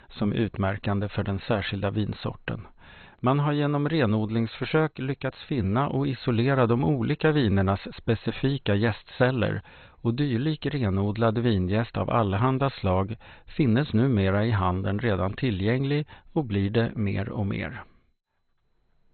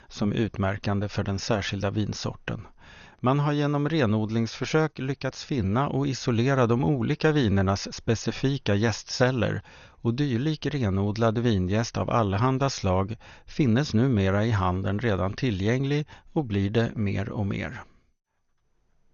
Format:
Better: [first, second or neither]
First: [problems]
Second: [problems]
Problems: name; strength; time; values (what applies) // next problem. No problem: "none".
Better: second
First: garbled, watery; badly; nothing above 4 kHz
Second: garbled, watery; slightly; nothing above 6.5 kHz